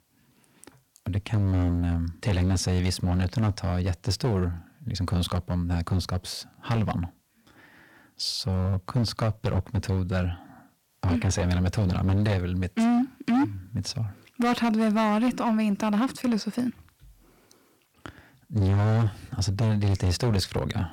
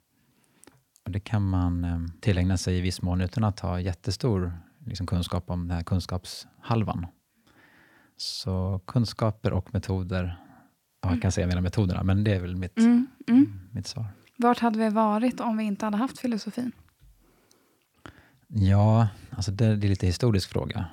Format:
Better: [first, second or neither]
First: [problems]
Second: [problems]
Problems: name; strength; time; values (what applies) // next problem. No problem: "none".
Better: second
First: distortion; heavy; 12% of the sound clipped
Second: none